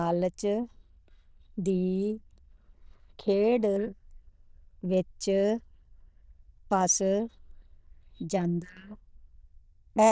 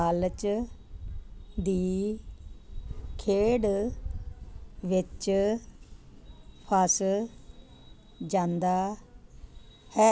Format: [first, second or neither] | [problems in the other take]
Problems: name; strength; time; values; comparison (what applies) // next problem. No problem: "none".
second | noise reduction (neural diffusion model UNIVERSE++)